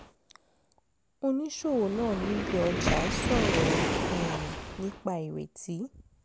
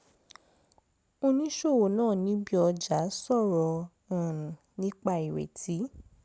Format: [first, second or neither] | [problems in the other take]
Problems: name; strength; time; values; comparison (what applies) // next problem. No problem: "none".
second | background sound (Waves, surf); as loud as the speech